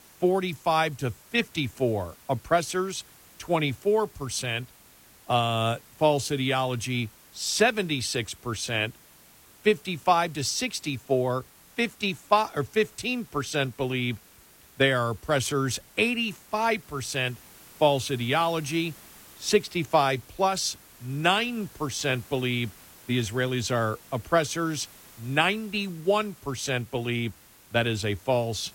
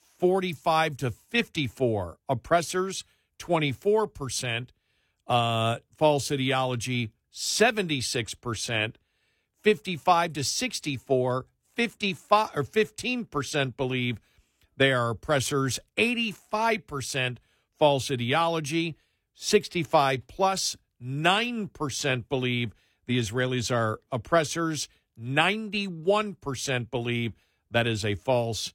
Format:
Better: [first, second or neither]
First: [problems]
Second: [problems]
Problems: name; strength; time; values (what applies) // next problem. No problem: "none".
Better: second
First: hiss; faint; throughout; 25 dB below the speech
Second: none